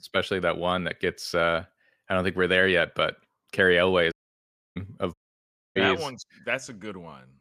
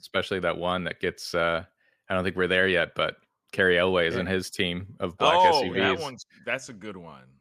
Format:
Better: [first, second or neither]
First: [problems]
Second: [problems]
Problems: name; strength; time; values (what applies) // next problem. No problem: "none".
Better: second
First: audio cutting out; at 4 s for 0.5 s and at 5 s for 0.5 s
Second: none